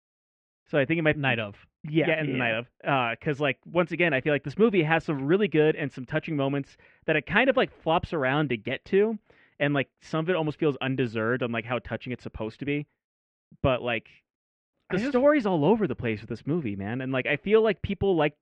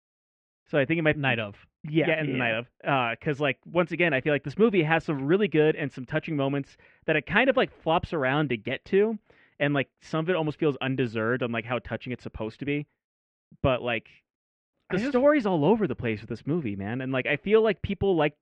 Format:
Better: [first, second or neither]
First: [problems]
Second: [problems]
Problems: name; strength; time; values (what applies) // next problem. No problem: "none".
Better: neither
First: muffled; very; fading above 2.5 kHz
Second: muffled; very; fading above 2.5 kHz